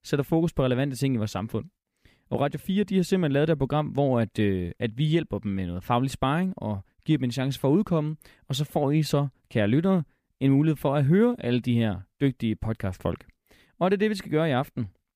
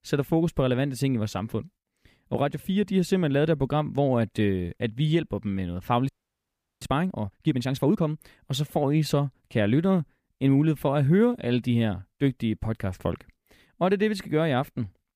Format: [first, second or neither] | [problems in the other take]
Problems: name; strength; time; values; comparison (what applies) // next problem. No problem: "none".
first | audio freezing; at 6 s for 0.5 s